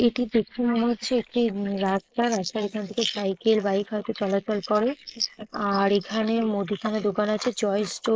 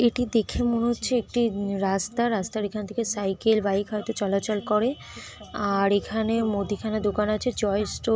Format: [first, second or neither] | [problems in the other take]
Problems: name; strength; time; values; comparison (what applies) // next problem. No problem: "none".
second | noise reduction (neural mask model Resemble Enhance denoiser)